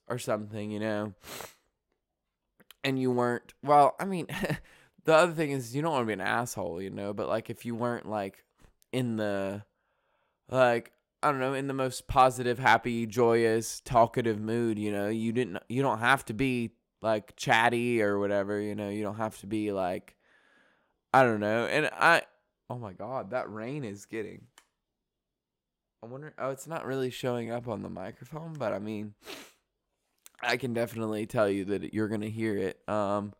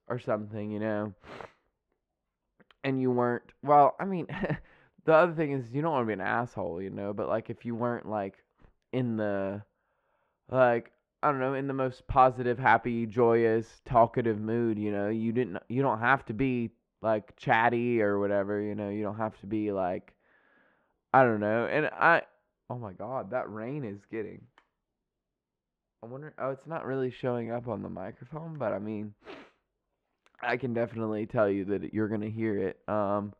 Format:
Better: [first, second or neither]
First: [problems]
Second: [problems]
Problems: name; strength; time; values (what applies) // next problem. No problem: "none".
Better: first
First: none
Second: muffled; very; fading above 2 kHz